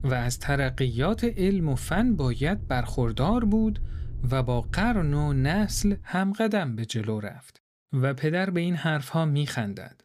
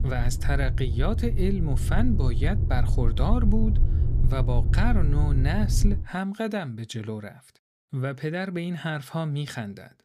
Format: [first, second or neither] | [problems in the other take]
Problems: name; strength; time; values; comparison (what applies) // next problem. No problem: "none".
first | low rumble; loud; until 6 s; 9 dB below the speech; faint in the first